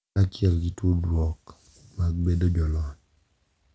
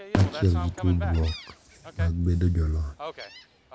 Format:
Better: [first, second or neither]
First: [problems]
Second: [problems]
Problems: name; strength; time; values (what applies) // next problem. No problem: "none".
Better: first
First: none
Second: background sound (Fireworks + Gull, seagull); 11 dB below the speech